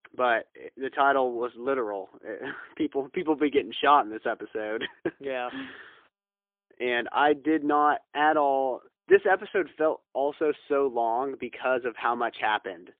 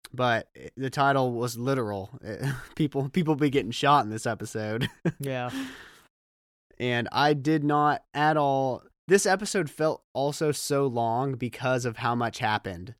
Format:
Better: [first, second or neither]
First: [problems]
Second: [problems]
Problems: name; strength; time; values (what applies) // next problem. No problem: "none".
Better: second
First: phone-call audio; poor line; nothing above 3.5 kHz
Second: none